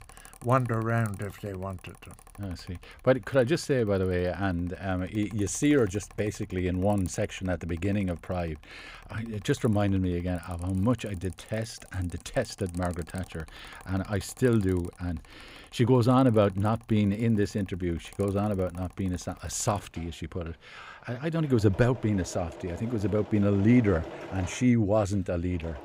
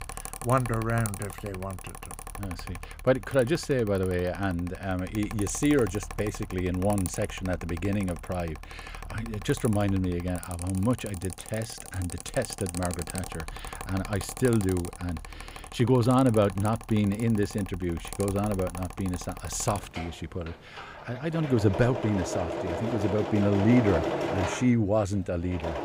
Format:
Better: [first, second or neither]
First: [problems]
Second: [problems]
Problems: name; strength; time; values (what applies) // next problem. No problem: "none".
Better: first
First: machinery noise; faint; throughout; 20 dB below the speech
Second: machinery noise; loud; throughout; 9 dB below the speech